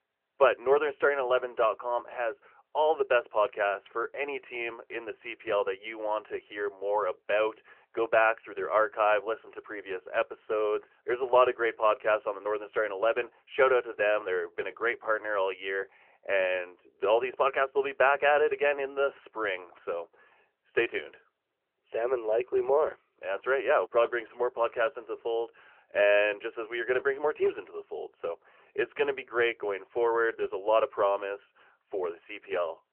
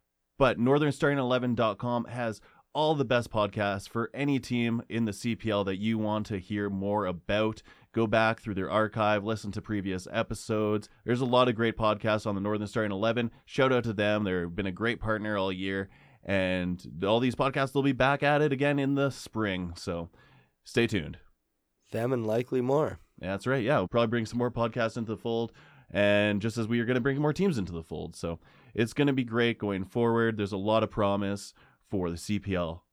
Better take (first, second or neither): second